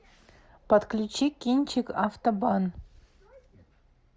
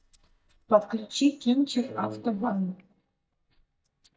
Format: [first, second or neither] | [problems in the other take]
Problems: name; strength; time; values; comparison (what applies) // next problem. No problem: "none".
first | noise reduction (neural mask model DeepFilterNet 3)